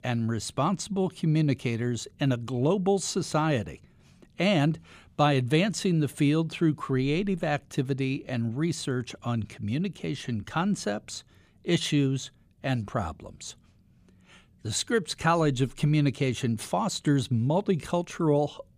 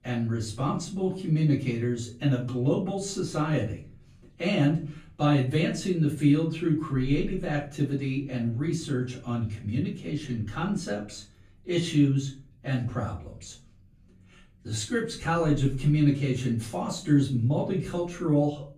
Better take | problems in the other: first | off-mic speech; far // room echo; slight; dies away in 0.4 s

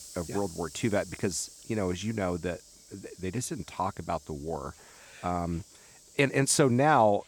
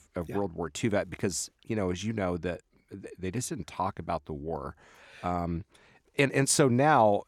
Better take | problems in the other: second | hiss; noticeable; throughout; 20 dB below the speech

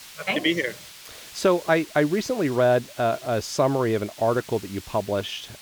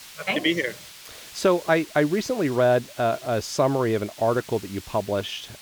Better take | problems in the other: neither | hiss; noticeable; throughout; 20 dB below the speech; the same in both

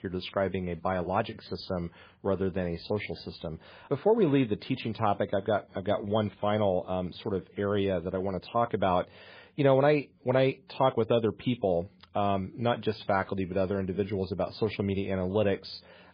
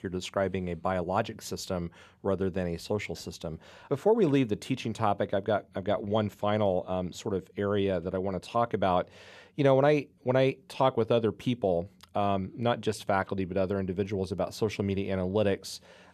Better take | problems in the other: second | garbled, watery; badly; nothing above 5 kHz

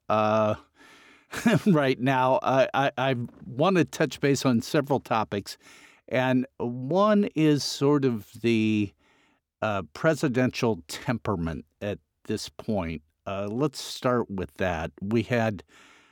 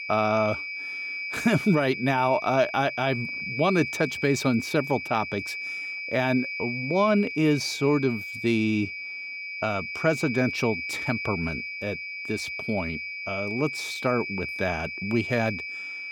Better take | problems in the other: first | high-pitched whine; loud; throughout; 2.5 kHz, 5 dB below the speech

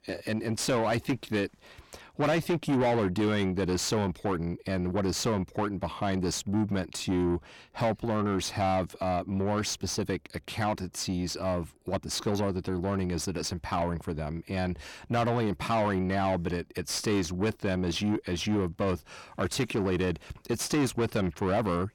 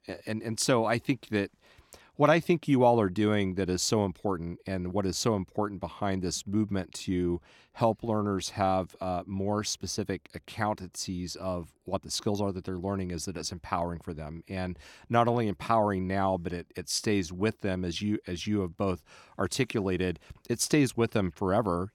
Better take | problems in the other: second | distortion; heavy; 7 dB below the speech

